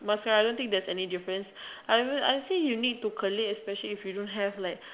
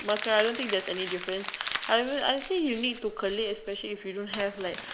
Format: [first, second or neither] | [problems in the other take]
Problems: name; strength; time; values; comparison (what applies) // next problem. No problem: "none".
first | background sound (Crumpling, crinkling); 10 dB below the speech